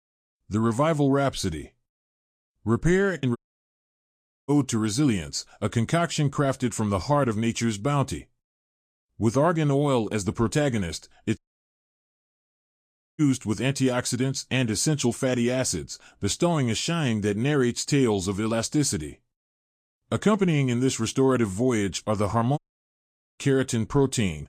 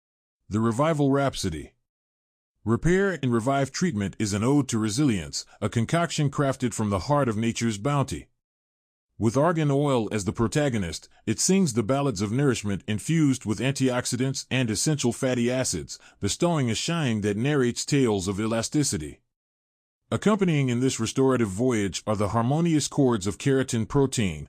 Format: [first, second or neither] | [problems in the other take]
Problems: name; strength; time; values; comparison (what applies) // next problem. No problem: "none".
second | audio cutting out; at 3.5 s for 1 s, at 11 s for 2 s and at 23 s for 1 s